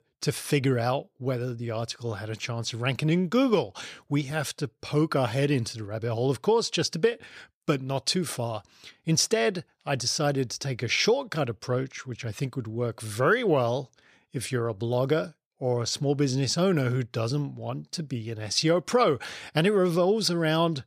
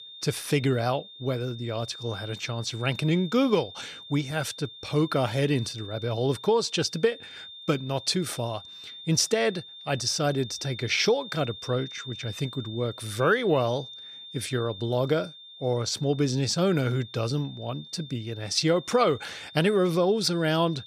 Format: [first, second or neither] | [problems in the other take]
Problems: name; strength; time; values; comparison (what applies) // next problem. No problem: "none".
first | high-pitched whine; noticeable; throughout; 3.5 kHz, 15 dB below the speech